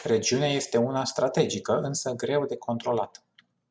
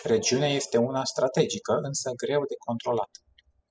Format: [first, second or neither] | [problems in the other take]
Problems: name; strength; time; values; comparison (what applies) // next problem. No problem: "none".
first | noise reduction (classical method spectral subtraction)